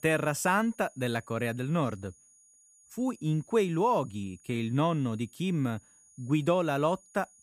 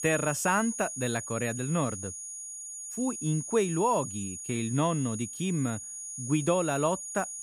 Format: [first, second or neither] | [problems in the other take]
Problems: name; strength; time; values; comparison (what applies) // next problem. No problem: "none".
first | high-pitched whine; loud; throughout; 6.5 kHz, 7 dB below the speech; faint in the first